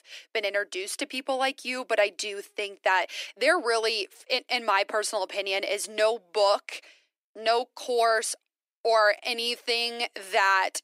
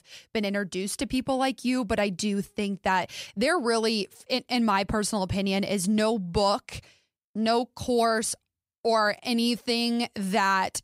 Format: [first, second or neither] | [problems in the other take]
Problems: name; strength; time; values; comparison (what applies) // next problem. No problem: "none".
second | thin; very; fading below 300 Hz